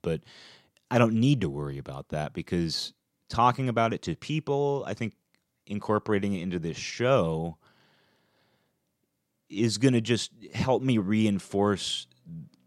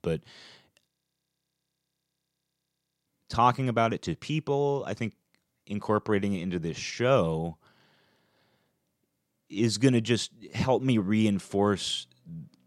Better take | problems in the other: first | audio freezing; at 1 s for 2 s

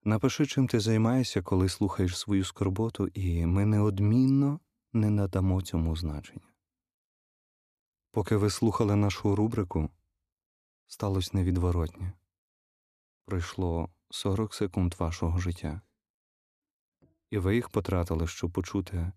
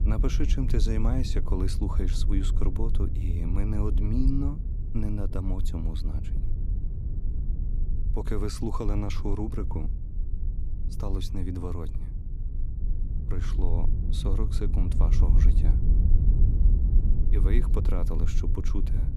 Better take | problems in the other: first | low rumble; loud; throughout; 7 dB below the speech

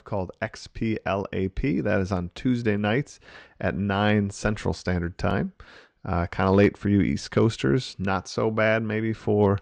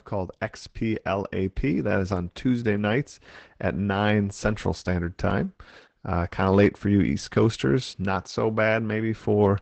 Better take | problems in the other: first | garbled, watery; badly; nothing above 8 kHz

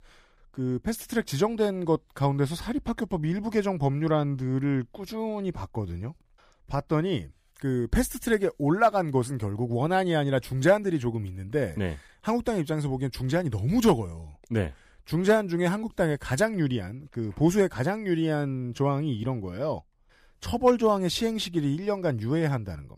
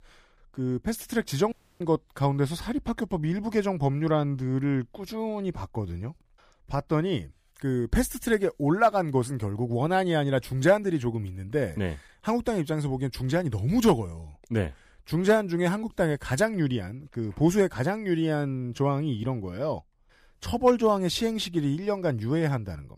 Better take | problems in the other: first | audio cutting out; at 1.5 s

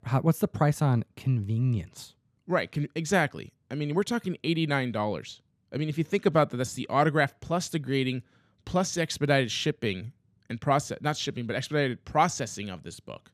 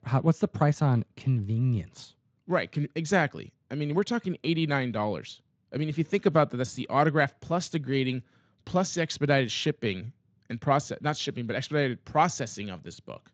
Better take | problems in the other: first | garbled, watery; slightly; nothing above 7.5 kHz

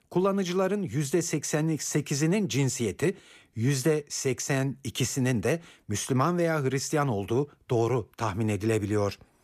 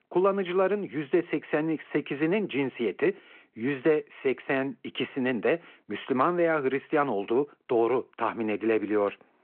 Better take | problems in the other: first | phone-call audio

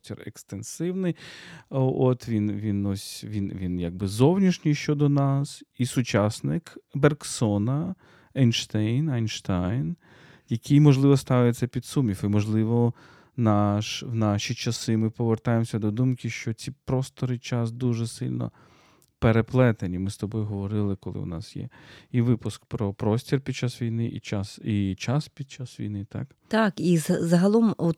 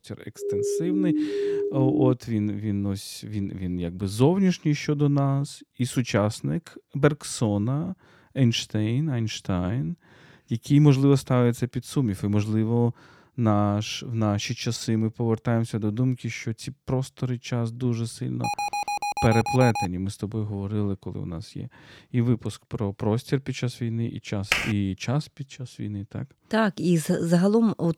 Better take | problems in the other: first | siren; loud; until 2 s; peak 1 dB above the speech // alarm; noticeable; from 18 to 20 s; peak 2 dB below the speech // keyboard typing; loud; at 25 s; peak 1 dB above the speech

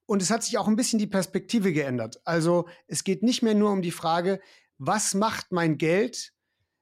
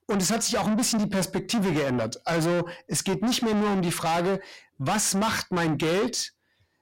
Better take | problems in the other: first | distortion; heavy; 6 dB below the speech

